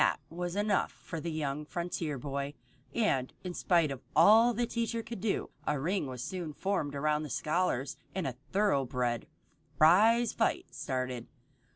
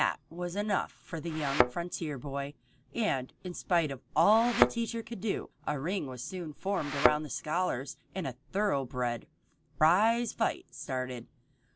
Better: first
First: none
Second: background sound (Thump, thud); as loud as the speech

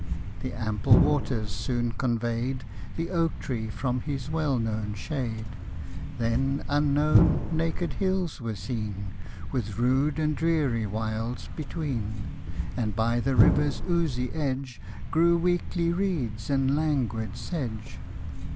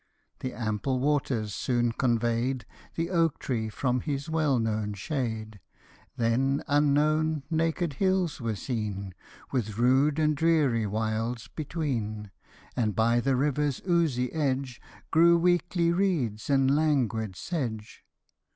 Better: second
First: background sound (Thump, thud); 1 dB below the speech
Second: none

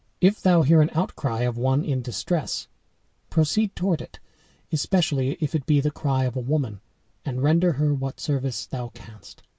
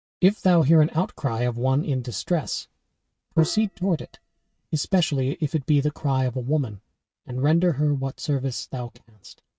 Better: first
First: none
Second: noise reduction (neural mask model RNNoise)

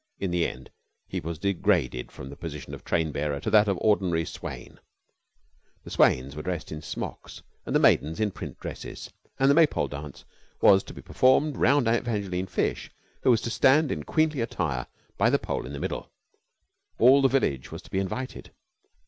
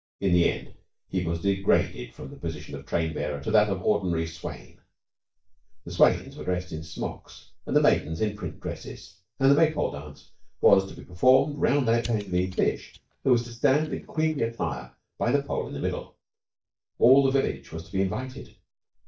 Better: first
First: none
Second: noise reduction (neural mask model DeepFilterNet 3)

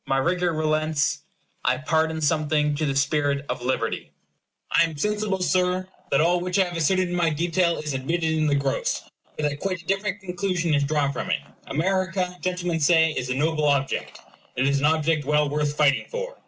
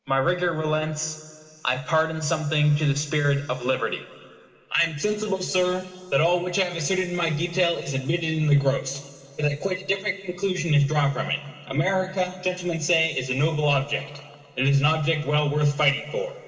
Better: first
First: none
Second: room echo; dies away in 2.5 s

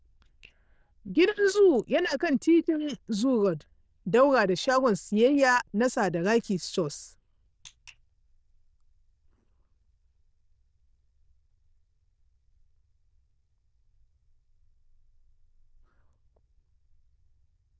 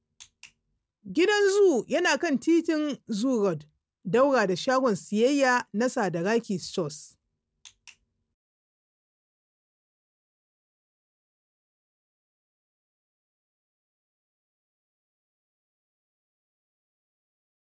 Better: second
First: noise reduction (neural diffusion model UNIVERSE++)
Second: none

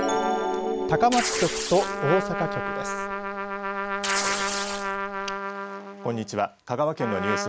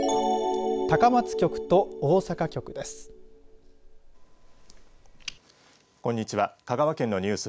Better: second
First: background sound (Tearing + Trumpet); 2 dB below the speech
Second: none

